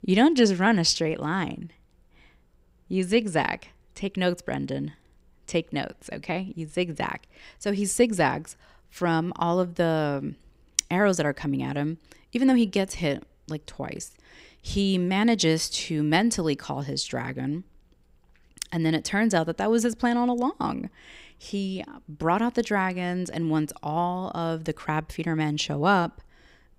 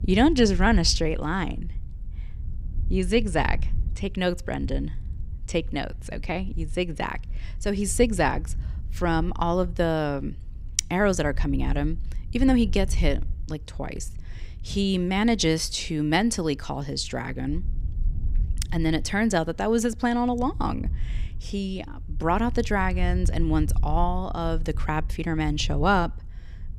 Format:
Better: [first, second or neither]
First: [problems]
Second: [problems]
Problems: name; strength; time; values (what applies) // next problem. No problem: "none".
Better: first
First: none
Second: low rumble; faint; throughout; 25 dB below the speech